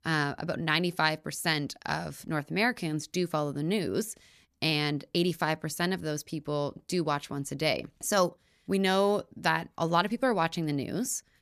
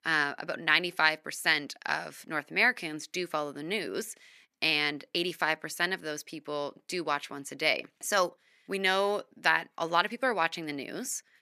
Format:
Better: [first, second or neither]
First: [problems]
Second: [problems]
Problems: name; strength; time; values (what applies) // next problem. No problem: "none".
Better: first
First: none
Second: thin; somewhat; fading below 300 Hz